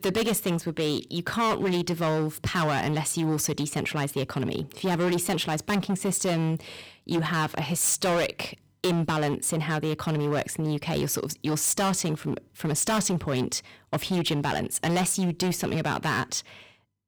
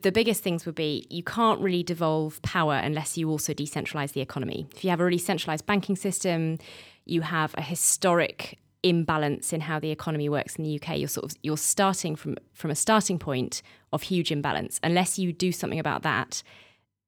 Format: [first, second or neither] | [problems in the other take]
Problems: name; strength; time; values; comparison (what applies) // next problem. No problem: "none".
second | distortion; heavy; 16% of the sound clipped